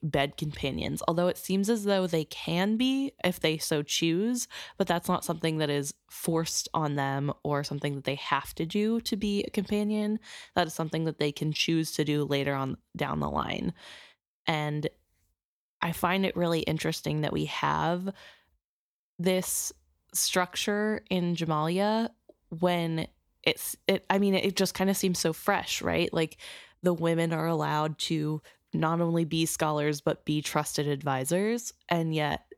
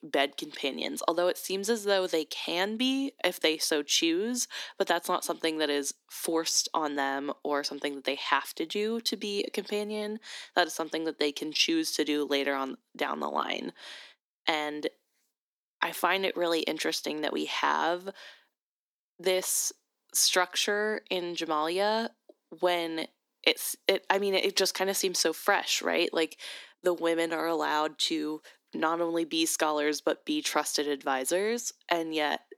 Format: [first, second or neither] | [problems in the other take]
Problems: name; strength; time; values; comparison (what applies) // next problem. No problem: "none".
first | thin; somewhat; fading below 250 Hz